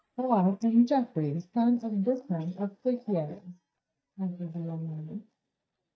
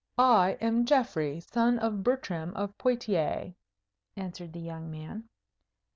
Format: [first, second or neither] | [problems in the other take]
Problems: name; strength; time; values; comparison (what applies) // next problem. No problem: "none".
second | noise reduction (neural mask model DeepFilterNet 3)